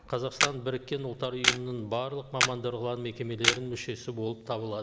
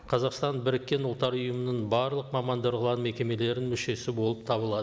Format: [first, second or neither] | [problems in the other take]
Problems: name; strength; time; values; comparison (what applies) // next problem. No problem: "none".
second | background sound (Camera); 1 dB above the speech